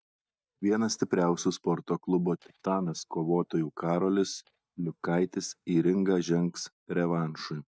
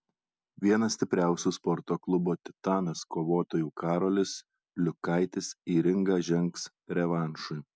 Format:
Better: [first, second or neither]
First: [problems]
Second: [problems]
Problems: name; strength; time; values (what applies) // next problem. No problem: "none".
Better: second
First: noise reduction (neural mask model DeepFilterNet 3)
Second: none